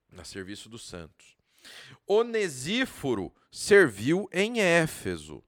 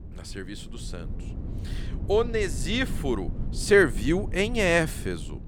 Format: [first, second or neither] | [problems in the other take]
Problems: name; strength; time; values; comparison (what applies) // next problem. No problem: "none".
first | wind noise on the microphone; occasional gusts; 20 dB below the speech